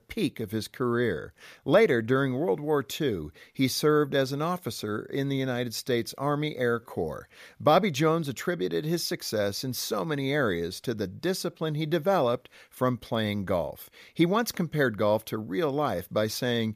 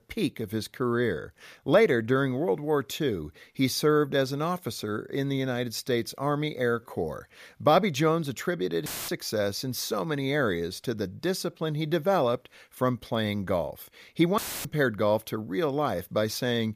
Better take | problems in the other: first | audio cutting out; filled with static; at 9 s and at 14 s

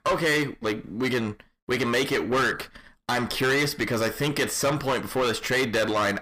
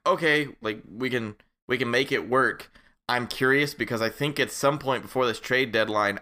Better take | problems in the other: second | distortion; heavy; 6 dB below the speech

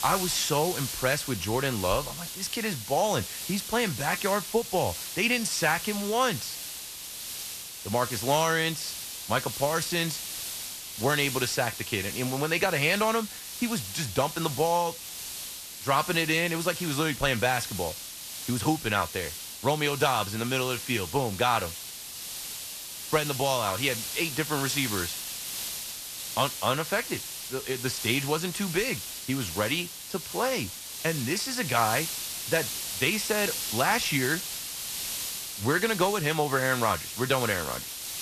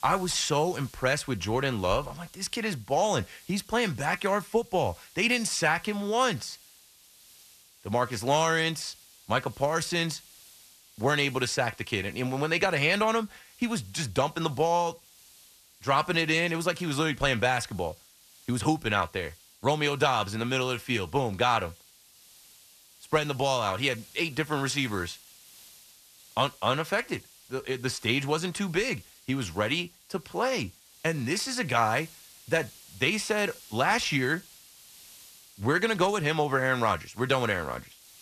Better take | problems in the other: second | hiss; loud; throughout; 6 dB below the speech; faint in the second

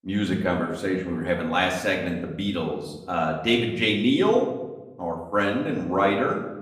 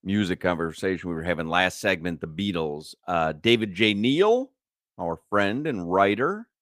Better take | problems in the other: second | room echo; slight; dies away in 0.8 s // off-mic speech; far

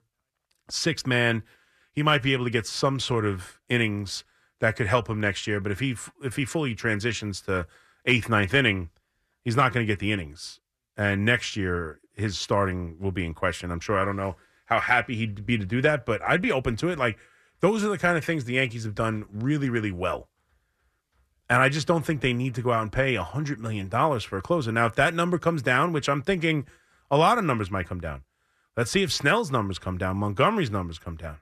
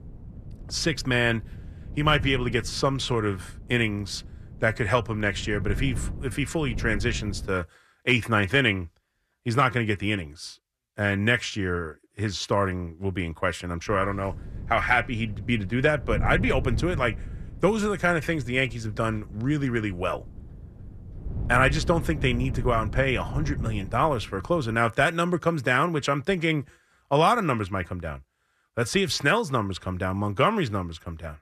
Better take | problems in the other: first | wind noise on the microphone; occasional gusts; until 7.5 s and from 14 to 25 s; 20 dB below the speech

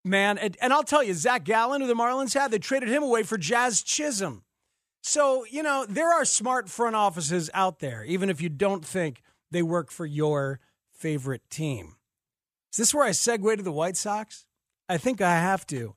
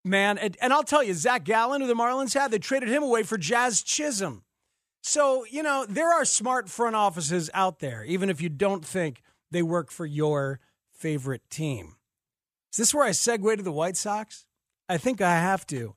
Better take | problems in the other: neither | none

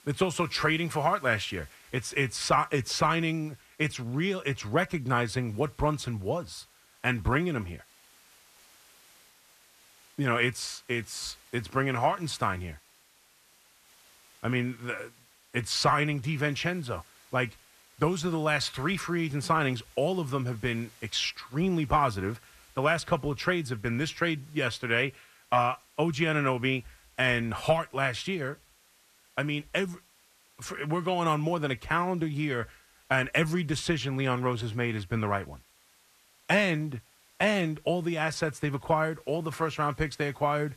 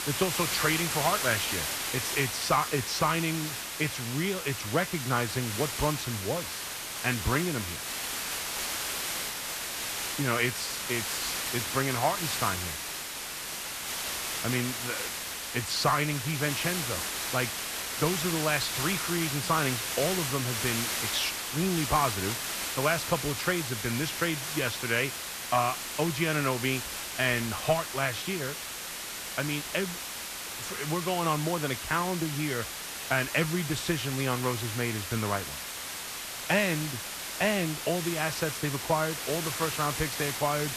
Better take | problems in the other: first | hiss; loud; throughout; 2 dB below the speech; faint in the first

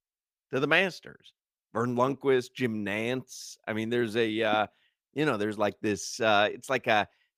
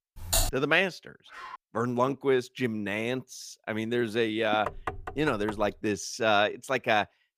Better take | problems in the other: first | keyboard typing; loud; at the start; peak 1 dB above the speech // dog barking; faint; at 1.5 s; peak 15 dB below the speech // door banging; noticeable; from 4.5 to 5.5 s; peak 8 dB below the speech

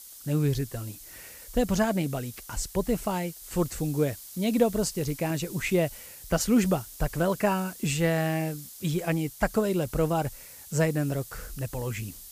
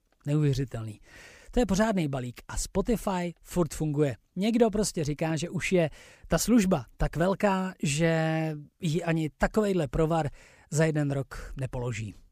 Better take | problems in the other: second | hiss; noticeable; throughout; 15 dB below the speech

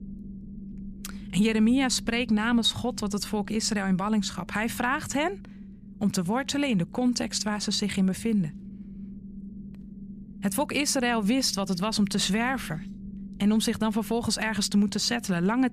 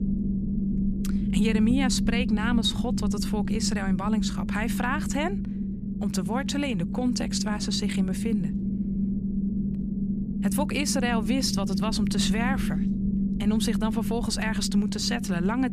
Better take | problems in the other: first | low rumble; loud; throughout; 6 dB below the speech; faint in the first

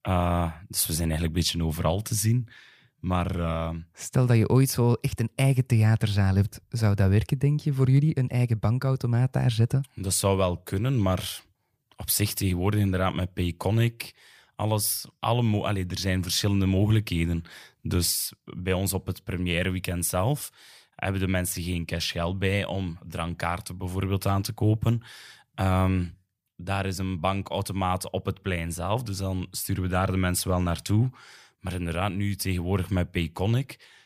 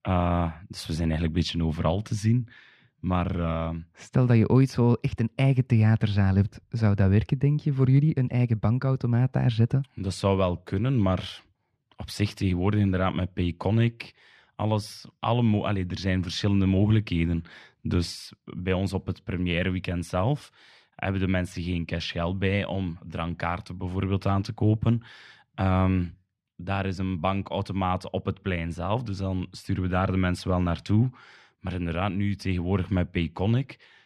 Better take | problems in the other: first | muffled; very slightly; fading above 3.5 kHz

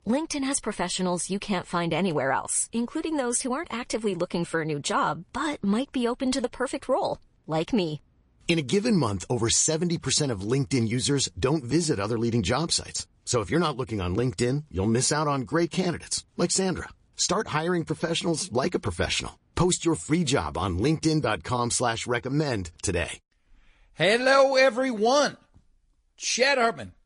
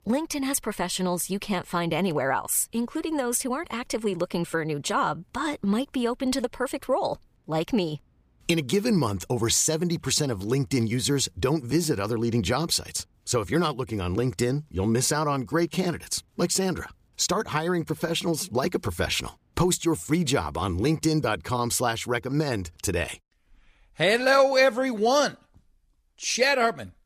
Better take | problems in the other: second | garbled, watery; slightly; nothing above 10.5 kHz

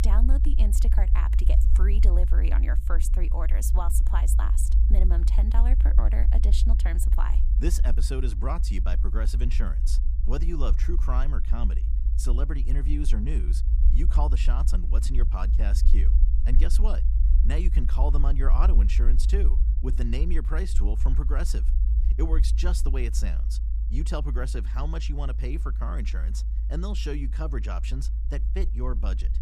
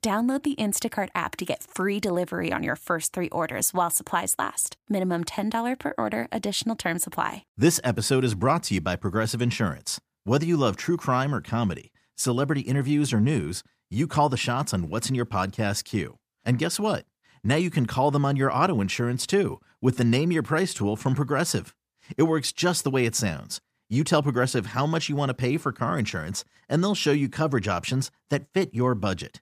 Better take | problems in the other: second | low rumble; loud; throughout; 8 dB below the speech

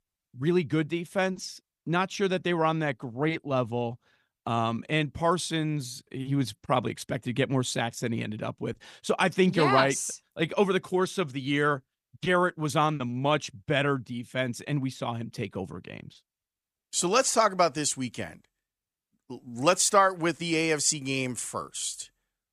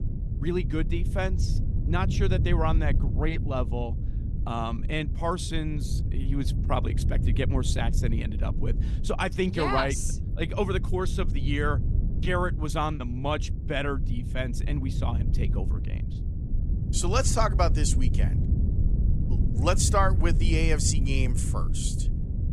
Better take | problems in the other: first | wind noise on the microphone; occasional gusts; 10 dB below the speech

